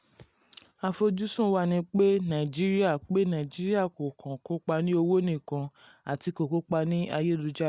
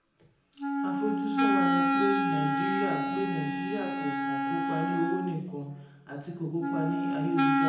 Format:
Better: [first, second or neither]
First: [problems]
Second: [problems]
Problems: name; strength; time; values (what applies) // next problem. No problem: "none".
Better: first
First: none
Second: background sound (Wind instrument, woodwind instrument); 5 dB above the speech // room echo; dies away in 0.9 s